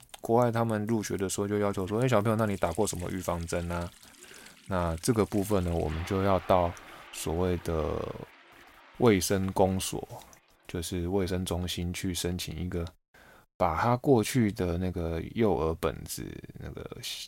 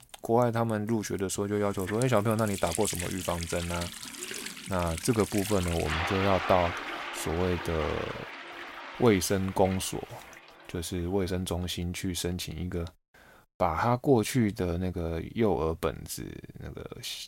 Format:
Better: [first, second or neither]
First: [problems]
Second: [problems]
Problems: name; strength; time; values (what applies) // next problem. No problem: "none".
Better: first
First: household noises; faint; until 11 s; 20 dB below the speech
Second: household noises; loud; until 11 s; 7 dB below the speech